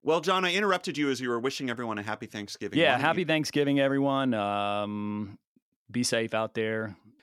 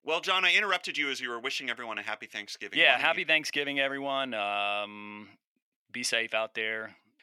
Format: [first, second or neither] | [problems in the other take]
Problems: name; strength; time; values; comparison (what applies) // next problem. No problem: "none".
first | thin; somewhat; fading below 750 Hz